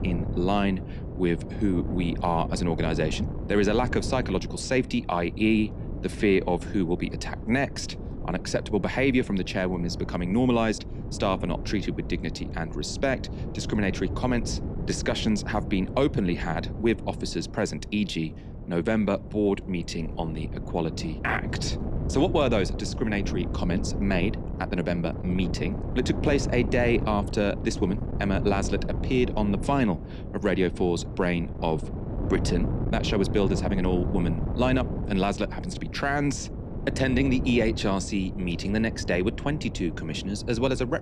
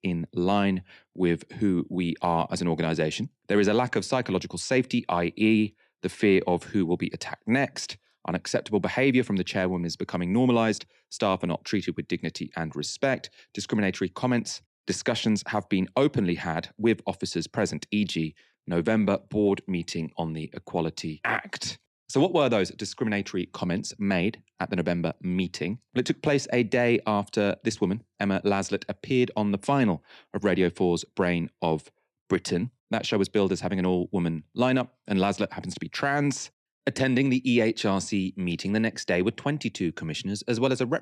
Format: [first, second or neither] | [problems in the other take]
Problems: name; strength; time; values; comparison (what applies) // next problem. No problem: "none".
second | wind noise on the microphone; occasional gusts; 10 dB below the speech